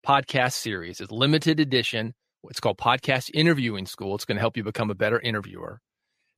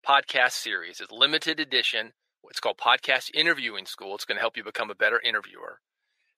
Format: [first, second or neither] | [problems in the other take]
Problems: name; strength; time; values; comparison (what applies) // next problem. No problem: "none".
first | thin; very; fading below 550 Hz